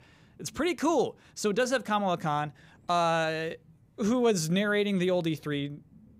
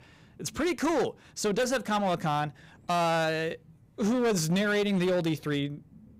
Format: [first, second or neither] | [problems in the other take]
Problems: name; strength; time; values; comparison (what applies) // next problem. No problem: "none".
first | distortion; slight; 14% of the sound clipped